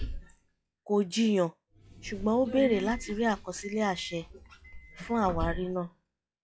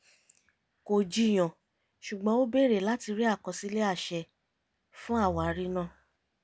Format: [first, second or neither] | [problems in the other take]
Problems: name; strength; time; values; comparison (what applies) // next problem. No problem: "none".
second | noise reduction (classical method log-MMSE)